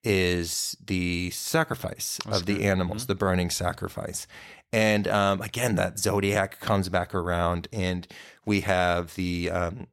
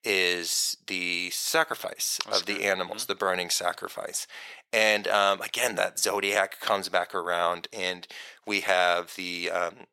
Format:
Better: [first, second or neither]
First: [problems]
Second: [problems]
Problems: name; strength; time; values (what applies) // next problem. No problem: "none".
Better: first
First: none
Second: thin; very; fading below 500 Hz